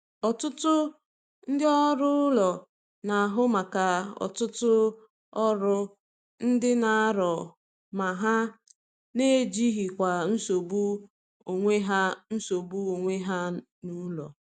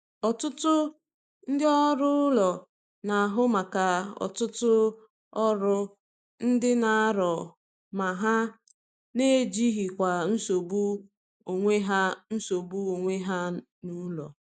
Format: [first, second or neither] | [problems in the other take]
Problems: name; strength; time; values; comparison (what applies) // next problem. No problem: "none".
first | noise reduction (neural mask model Resemble Enhance denoiser)